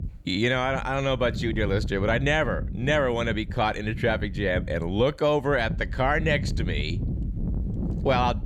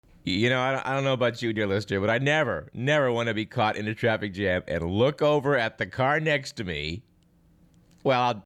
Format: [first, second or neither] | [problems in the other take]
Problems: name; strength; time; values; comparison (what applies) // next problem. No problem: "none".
second | wind noise on the microphone; occasional gusts; 20 dB below the speech